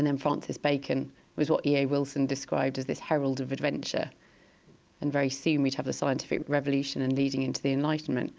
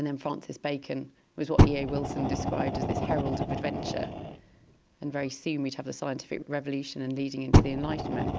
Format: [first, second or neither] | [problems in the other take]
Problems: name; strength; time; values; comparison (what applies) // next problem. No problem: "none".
first | background sound (Fire); 4 dB above the speech